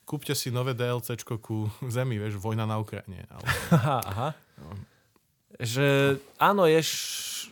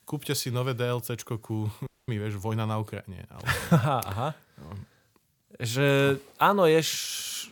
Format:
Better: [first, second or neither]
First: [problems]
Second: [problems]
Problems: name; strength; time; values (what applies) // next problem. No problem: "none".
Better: first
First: none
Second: audio cutting out; at 2 s